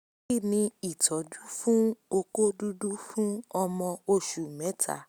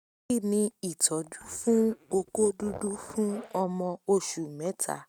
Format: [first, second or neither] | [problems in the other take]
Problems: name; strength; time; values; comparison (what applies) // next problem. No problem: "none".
first | noise reduction (neural mask model RNNoise)